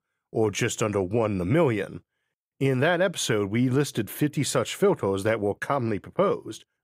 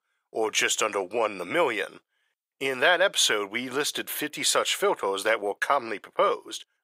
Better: first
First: none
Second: thin; very; fading below 650 Hz

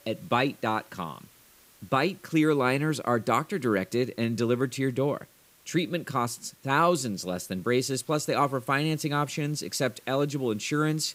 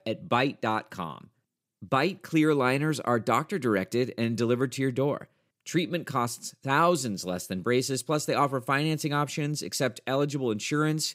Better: second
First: hiss; faint; throughout; 30 dB below the speech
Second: none

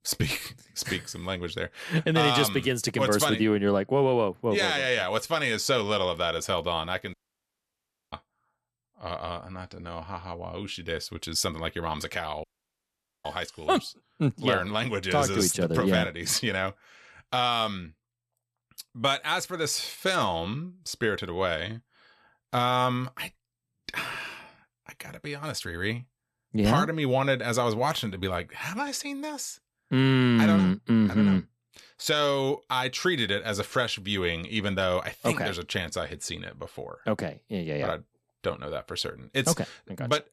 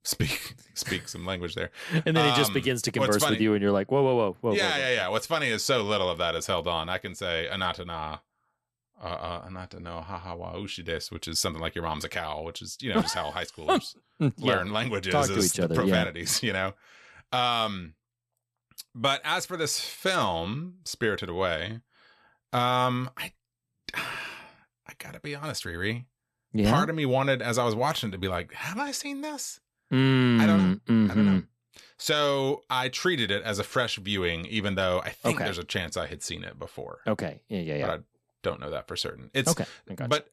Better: second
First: audio cutting out; at 7 s for 1 s and at 12 s for 1 s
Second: none

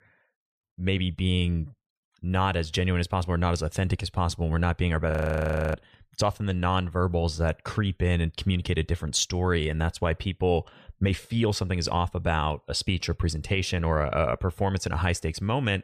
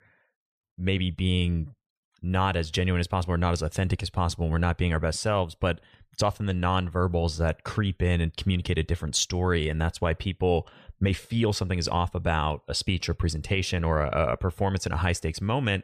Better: second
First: audio freezing; at 5 s for 0.5 s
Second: none

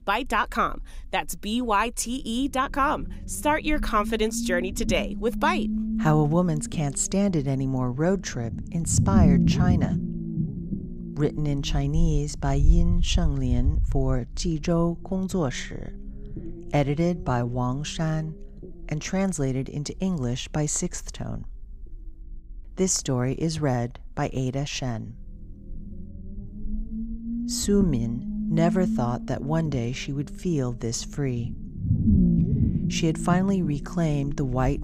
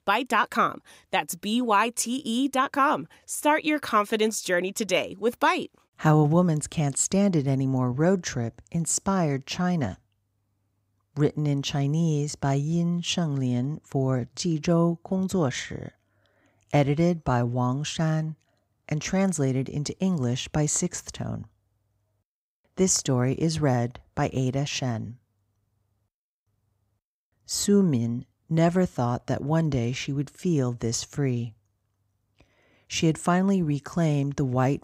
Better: second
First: low rumble; loud; throughout; 9 dB below the speech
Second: none

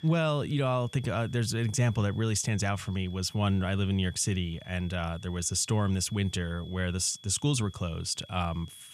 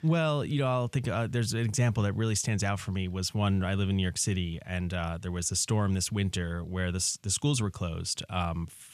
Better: second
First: high-pitched whine; faint; throughout; 3.5 kHz, 20 dB below the speech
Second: none

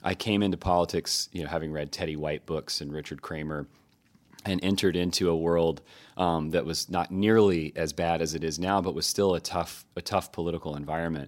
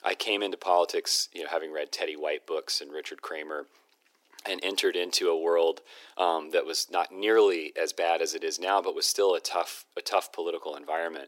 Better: first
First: none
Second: thin; very; fading below 350 Hz

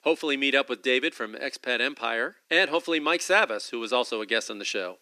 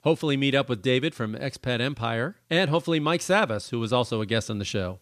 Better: second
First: thin; somewhat; fading below 300 Hz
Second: none

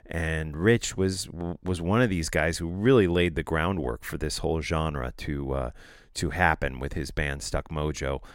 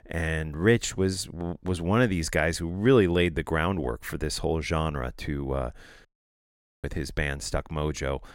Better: first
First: none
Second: audio cutting out; at 6 s for 1 s

